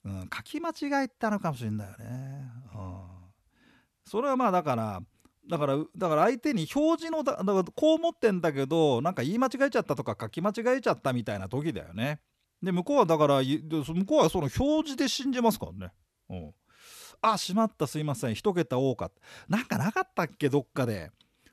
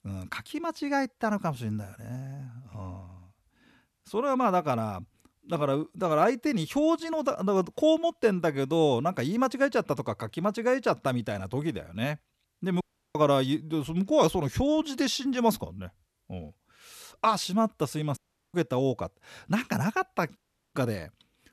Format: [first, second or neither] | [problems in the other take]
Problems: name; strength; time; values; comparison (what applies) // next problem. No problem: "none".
first | audio cutting out; at 13 s, at 18 s and at 20 s